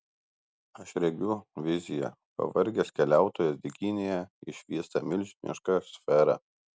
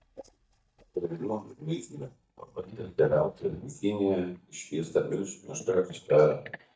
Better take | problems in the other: first | noise reduction (neural mask model DeepFilterNet 3)

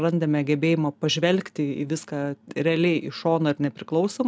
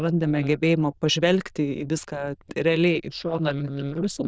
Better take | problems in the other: first | noise reduction (neural diffusion model UNIVERSE++)

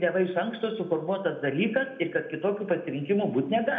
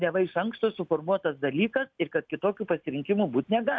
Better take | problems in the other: second | room echo; dies away in 0.7 s

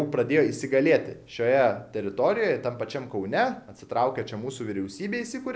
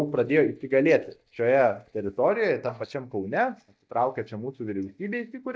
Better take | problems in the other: first | noise reduction (neural mask model DeepFilterNet 3)

